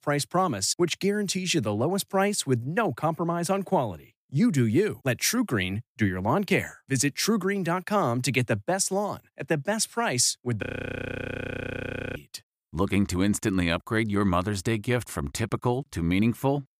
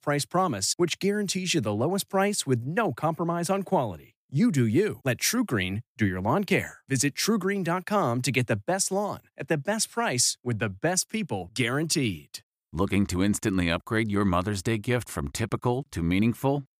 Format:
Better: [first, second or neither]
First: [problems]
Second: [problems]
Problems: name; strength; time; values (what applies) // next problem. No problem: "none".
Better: second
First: audio freezing; at 11 s for 1.5 s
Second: none